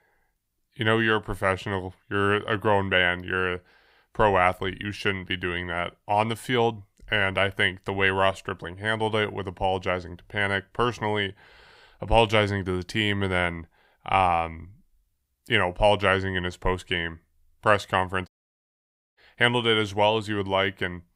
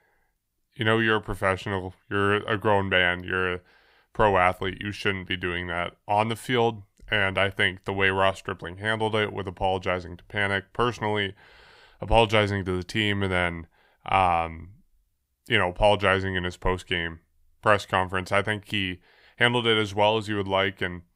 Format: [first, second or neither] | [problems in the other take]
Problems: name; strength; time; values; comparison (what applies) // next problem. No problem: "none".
second | audio cutting out; at 18 s for 1 s